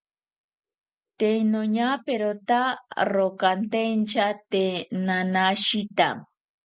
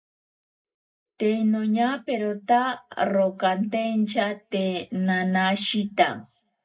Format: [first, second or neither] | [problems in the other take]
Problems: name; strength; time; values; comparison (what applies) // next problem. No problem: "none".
first | room echo; dies away in 0.2 s